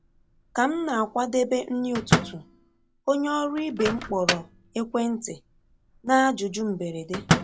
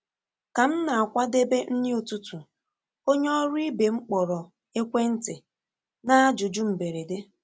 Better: second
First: background sound (Microwave oven); 5 dB below the speech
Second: none

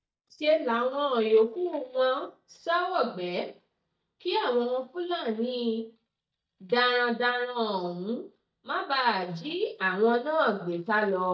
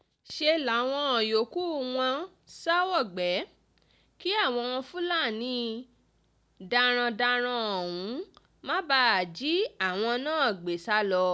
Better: second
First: noise reduction (neural mask model DeepFilterNet 3)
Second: none

